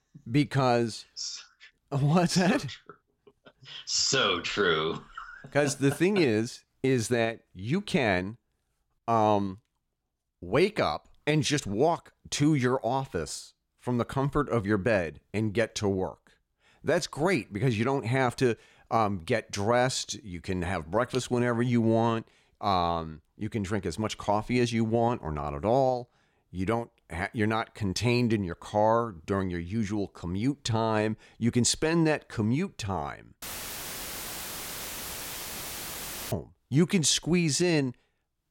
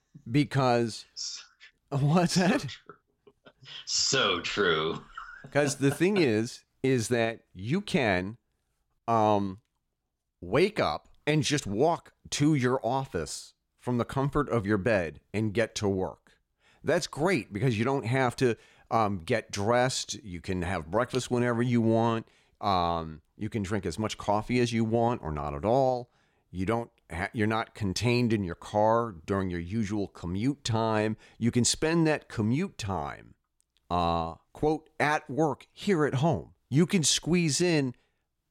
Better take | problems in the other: second | audio cutting out; filled with static; at 33 s for 3 s

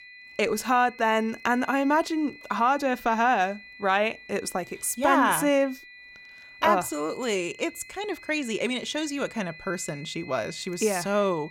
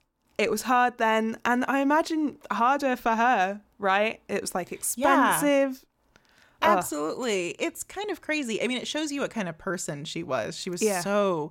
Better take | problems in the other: second | high-pitched whine; noticeable; throughout; 2 kHz, 20 dB below the speech

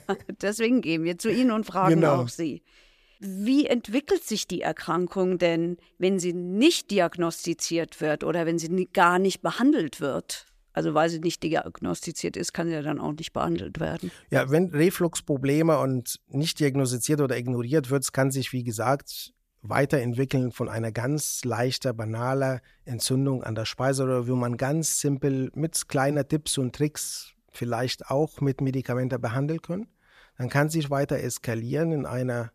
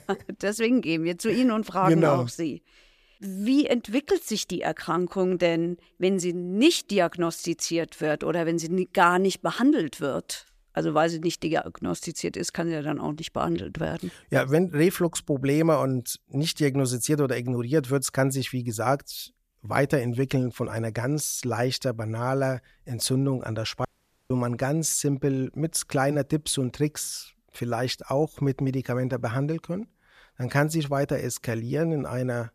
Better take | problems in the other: first | audio cutting out; at 24 s

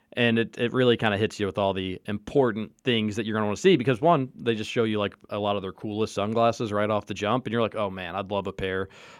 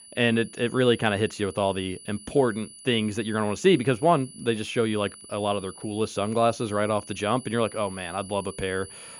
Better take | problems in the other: first | high-pitched whine; noticeable; throughout; 10 kHz, 15 dB below the speech

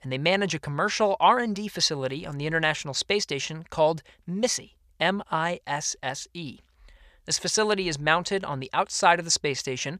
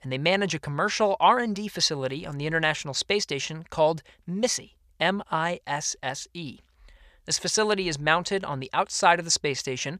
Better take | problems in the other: neither | none

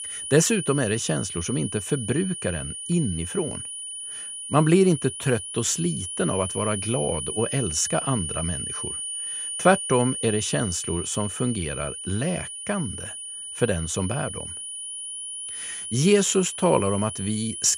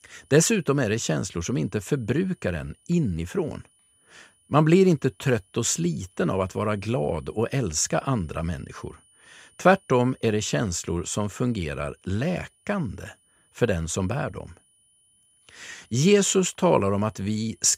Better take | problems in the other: second | high-pitched whine; loud; throughout; 9.5 kHz, 6 dB below the speech; faint in the second

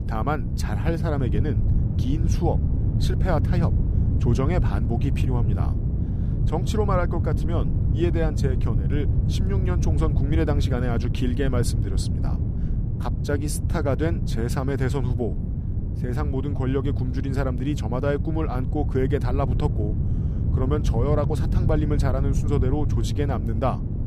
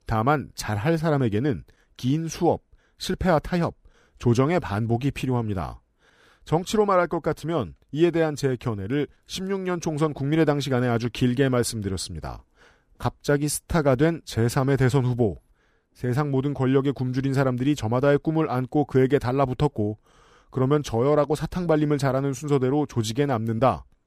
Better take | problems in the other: second | wind noise on the microphone; heavy; 7 dB below the speech

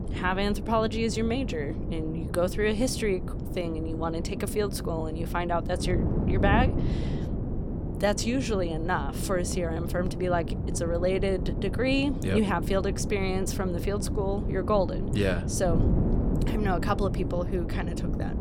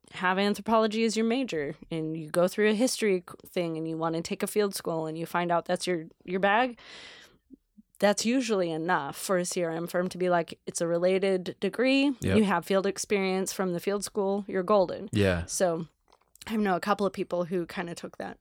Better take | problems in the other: second | wind noise on the microphone; heavy; 9 dB below the speech

